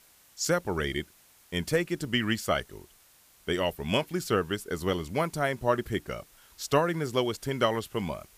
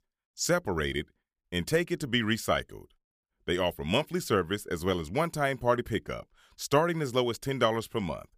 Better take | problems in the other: second | hiss; faint; throughout; 25 dB below the speech

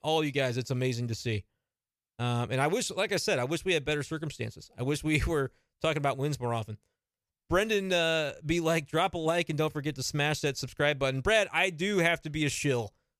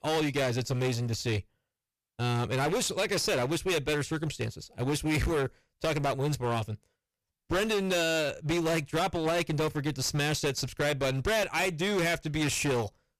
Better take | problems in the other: first | distortion; heavy; 22% of the sound clipped

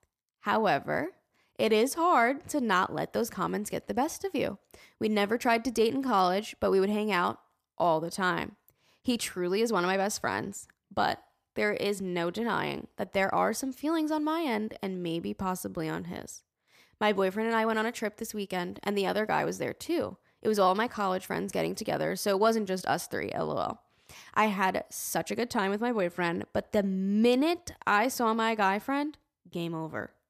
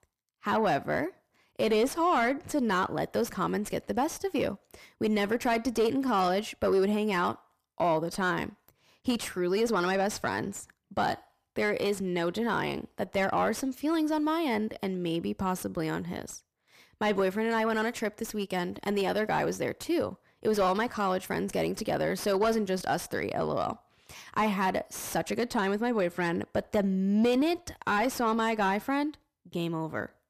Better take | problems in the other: first | distortion; slight; 10 dB below the speech

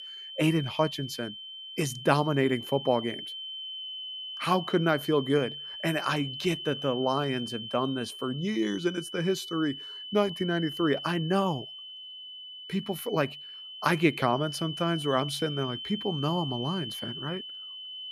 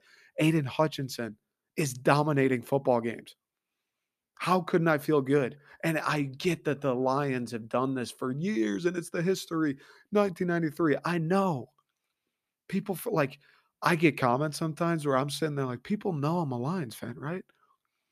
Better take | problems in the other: second | high-pitched whine; loud; throughout; 3 kHz, 9 dB below the speech

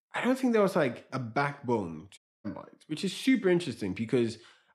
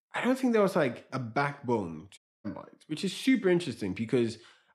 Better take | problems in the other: neither | audio cutting out; at 2 s; the same in both

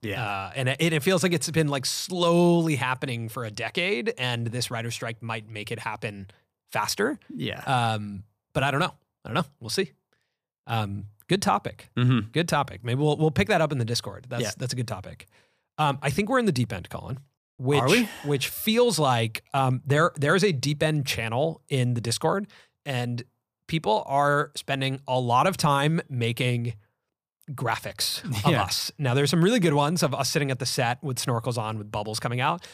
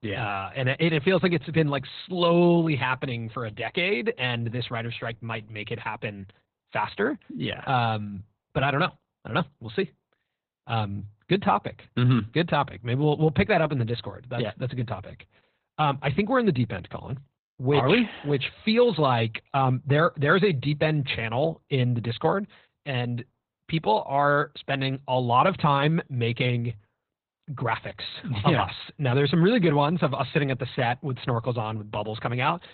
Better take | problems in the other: first | garbled, watery; badly; nothing above 4 kHz

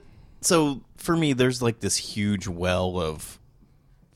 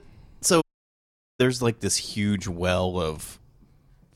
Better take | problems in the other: first | audio cutting out; at 0.5 s for 1 s

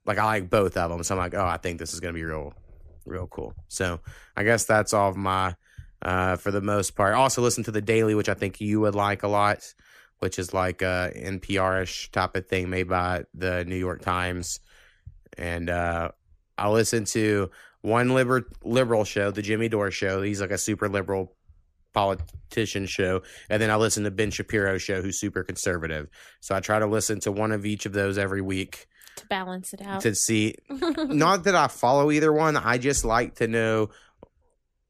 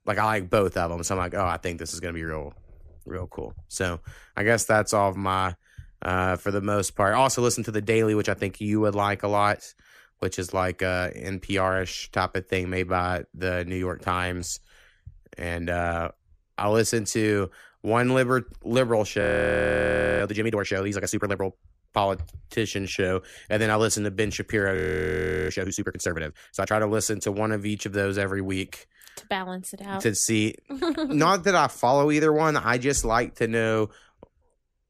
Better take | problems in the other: first | audio freezing; at 19 s for 1 s and at 25 s for 0.5 s

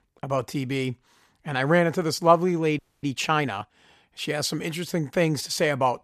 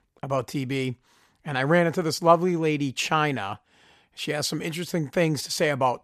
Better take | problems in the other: second | audio freezing; at 3 s

